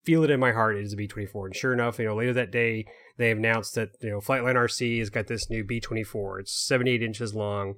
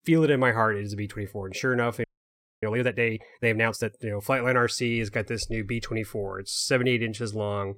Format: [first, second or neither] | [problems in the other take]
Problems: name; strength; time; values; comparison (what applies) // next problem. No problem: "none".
first | audio freezing; at 2 s for 0.5 s